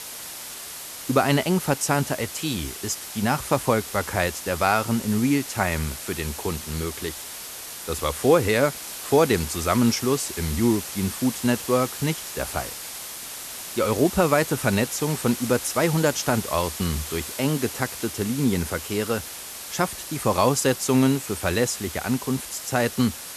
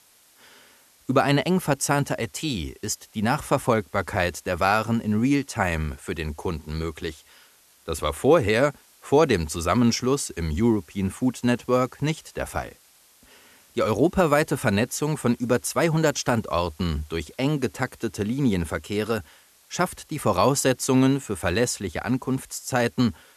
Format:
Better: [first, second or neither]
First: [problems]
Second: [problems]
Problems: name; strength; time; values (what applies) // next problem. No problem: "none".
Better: second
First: hiss; loud; throughout; 9 dB below the speech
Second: hiss; faint; throughout; 30 dB below the speech